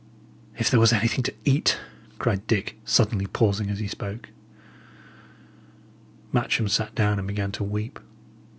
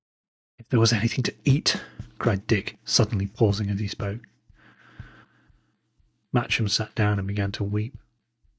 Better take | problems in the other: first | noise reduction (neural mask model DeepFilterNet 3)

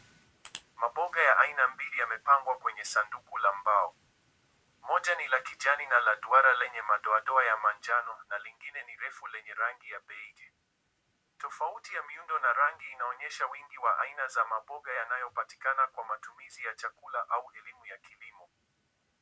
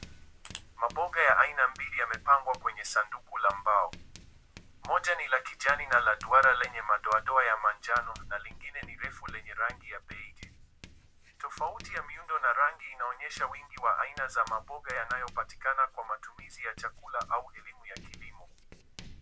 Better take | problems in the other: first | background sound (Writing); 19 dB below the speech

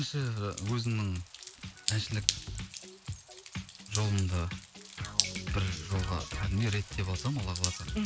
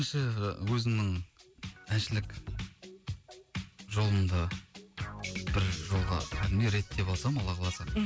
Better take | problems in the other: second | background sound (Drip); 7 dB below the speech

